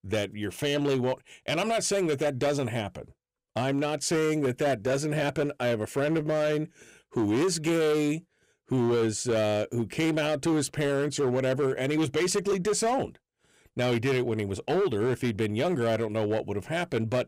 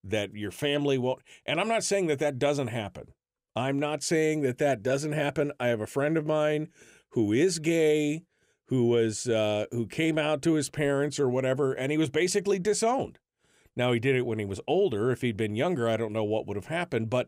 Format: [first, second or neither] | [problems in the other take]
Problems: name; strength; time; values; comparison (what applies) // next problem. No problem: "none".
second | distortion; slight; 13% of the sound clipped